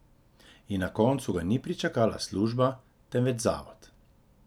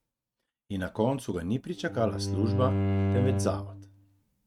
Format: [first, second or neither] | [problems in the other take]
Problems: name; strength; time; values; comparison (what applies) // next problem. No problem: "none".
first | noise reduction (neural mask model RNNoise)